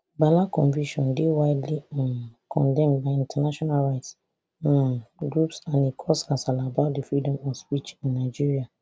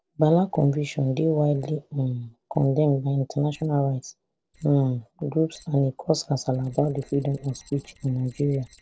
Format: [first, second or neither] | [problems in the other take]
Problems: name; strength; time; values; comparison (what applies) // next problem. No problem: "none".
first | noise reduction (neural separator model SepFormer DNS4)